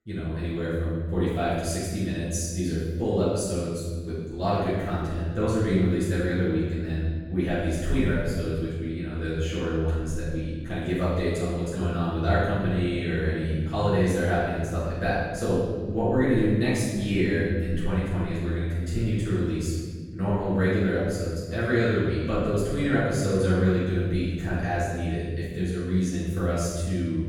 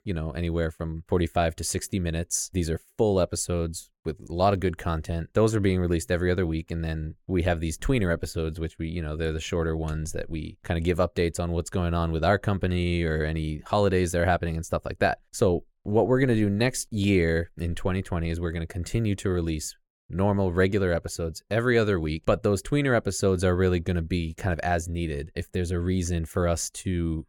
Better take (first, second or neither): second